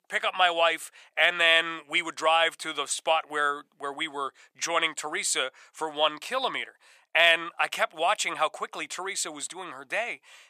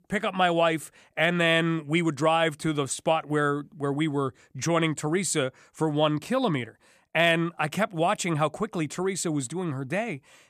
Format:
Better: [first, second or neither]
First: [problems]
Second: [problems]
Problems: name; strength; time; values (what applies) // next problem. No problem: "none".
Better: second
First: thin; very; fading below 800 Hz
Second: none